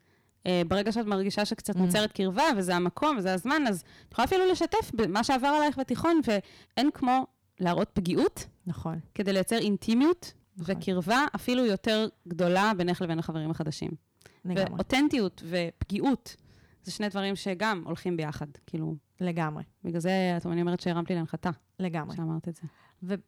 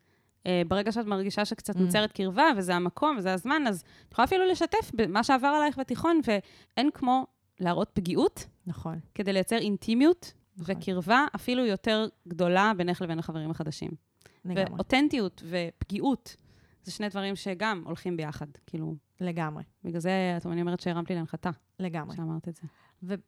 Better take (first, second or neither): second